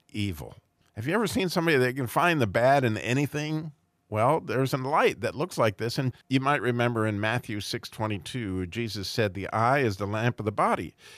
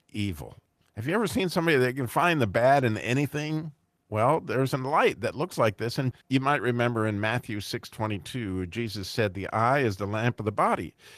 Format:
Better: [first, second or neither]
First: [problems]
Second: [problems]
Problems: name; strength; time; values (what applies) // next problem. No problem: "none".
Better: first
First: none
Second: garbled, watery; slightly; nothing above 14.5 kHz